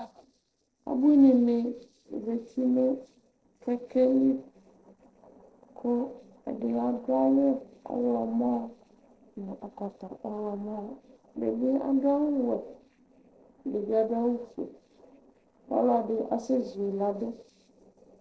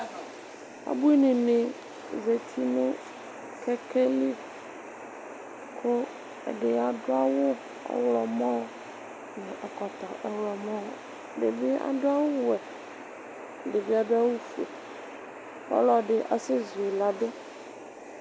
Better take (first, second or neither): second